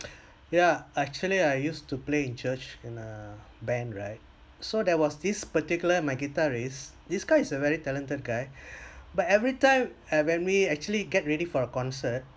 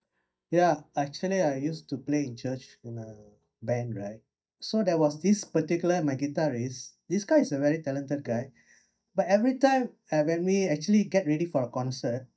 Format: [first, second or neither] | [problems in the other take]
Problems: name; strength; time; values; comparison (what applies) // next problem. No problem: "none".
first | noise reduction (neural mask model DeepFilterNet 3)